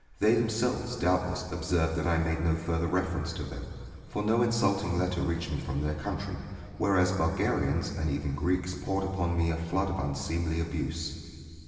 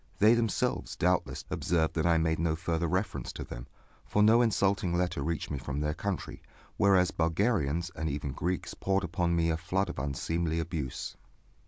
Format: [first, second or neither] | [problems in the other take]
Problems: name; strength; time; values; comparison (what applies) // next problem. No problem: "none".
second | room echo; dies away in 2.6 s